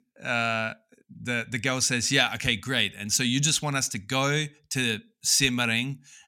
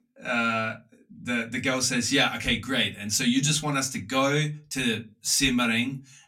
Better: first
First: none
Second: off-mic speech; far // room echo; very slight; dies away in 0.2 s

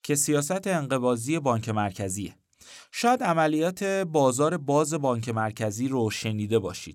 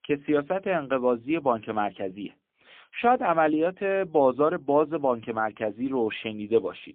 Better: first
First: none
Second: phone-call audio; poor line

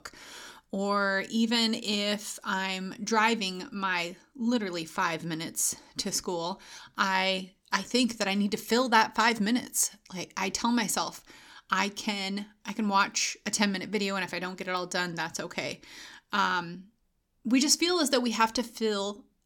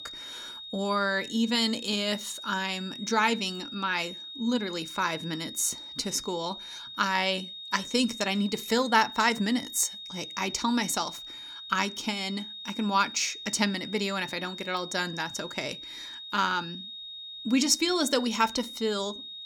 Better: first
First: none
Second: high-pitched whine; noticeable; throughout; 3.5 kHz, 10 dB below the speech

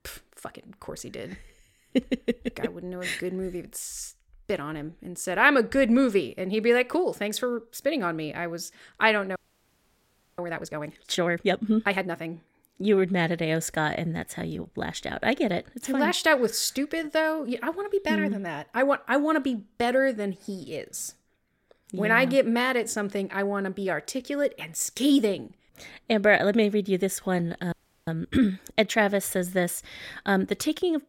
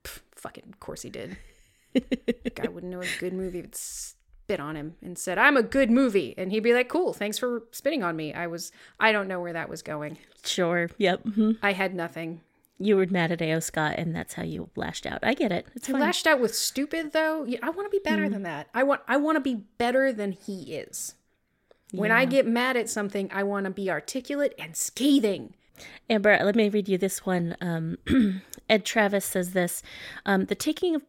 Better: second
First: audio freezing; at 9.5 s for 1 s and at 28 s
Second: none

